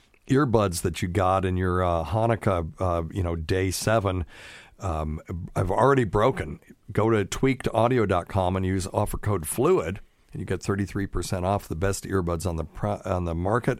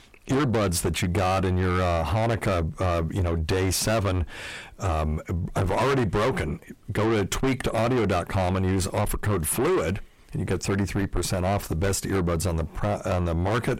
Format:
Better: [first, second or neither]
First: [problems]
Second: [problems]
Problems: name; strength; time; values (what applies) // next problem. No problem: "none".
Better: first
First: none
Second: distortion; heavy; 6 dB below the speech